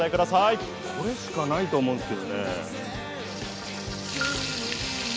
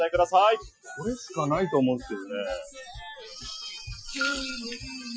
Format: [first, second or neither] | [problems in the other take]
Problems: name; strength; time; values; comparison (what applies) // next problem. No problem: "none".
first | noise reduction (classical method Wiener filter)